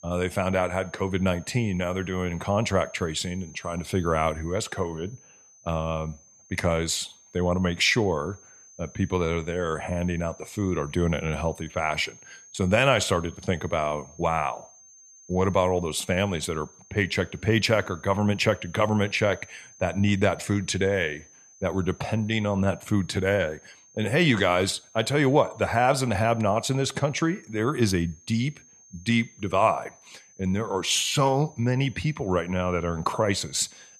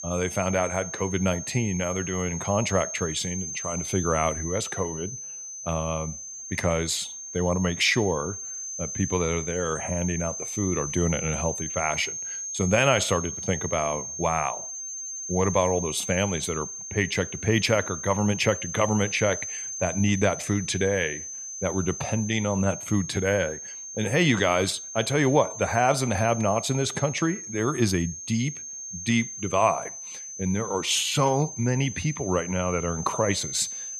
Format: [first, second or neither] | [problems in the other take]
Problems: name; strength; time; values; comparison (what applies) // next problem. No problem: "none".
first | high-pitched whine; loud; throughout; 6.5 kHz, 7 dB below the speech; faint in the first